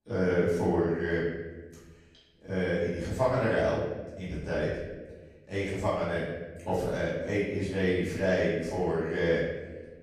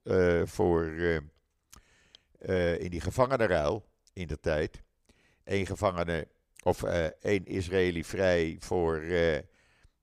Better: second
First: off-mic speech; far // room echo; noticeable; dies away in 1 s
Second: none

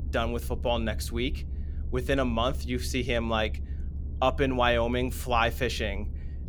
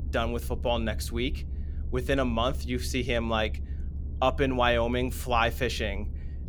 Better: neither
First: low rumble; faint; throughout; 25 dB below the speech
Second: low rumble; faint; throughout; 25 dB below the speech

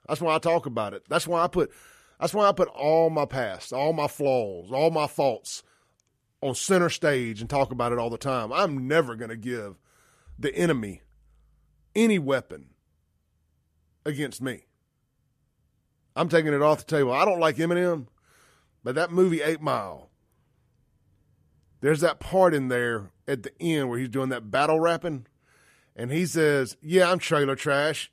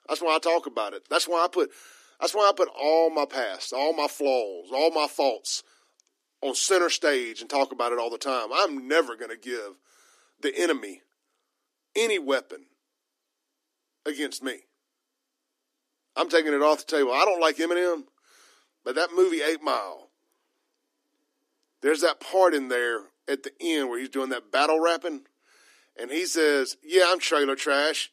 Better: first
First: none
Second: thin; very slightly; fading below 250 Hz

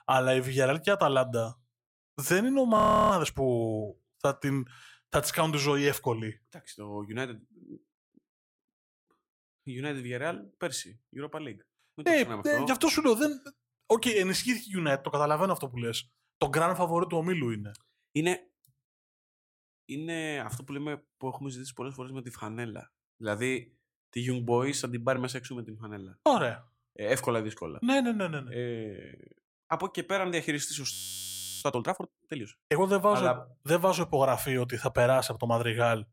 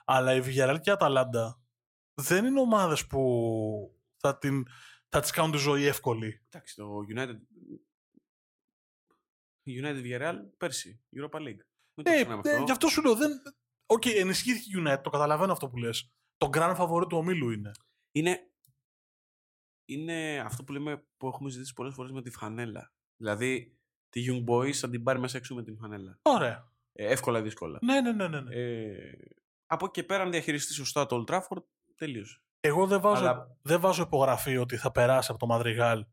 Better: second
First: audio freezing; at 3 s and at 31 s for 0.5 s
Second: none

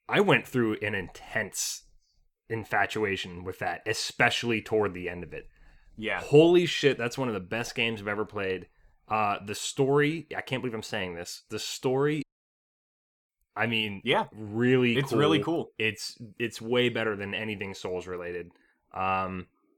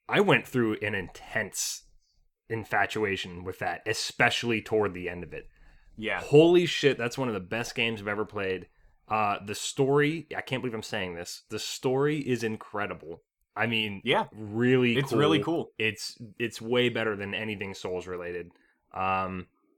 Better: second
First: audio cutting out; at 12 s for 1 s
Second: none

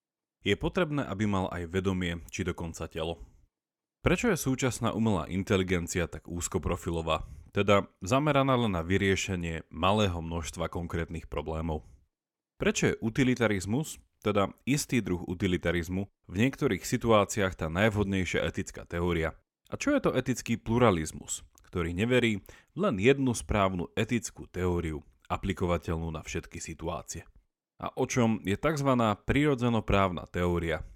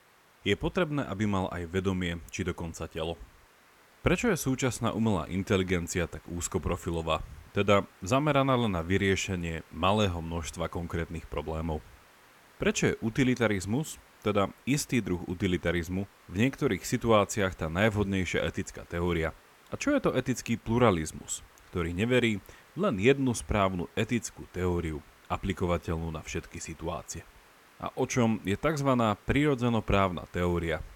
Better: first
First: none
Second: hiss; faint; throughout; 25 dB below the speech

